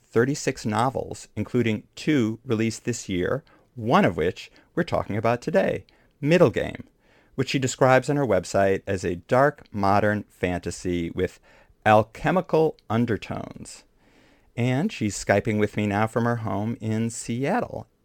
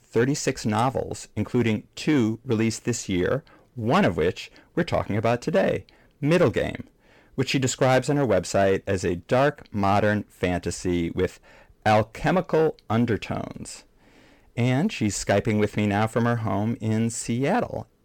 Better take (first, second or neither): first